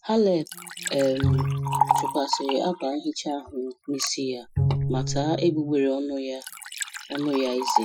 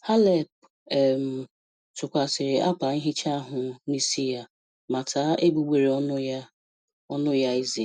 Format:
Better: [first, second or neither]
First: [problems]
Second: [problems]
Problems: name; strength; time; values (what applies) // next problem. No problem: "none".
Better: second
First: noise reduction (classical method Wiener filter)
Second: none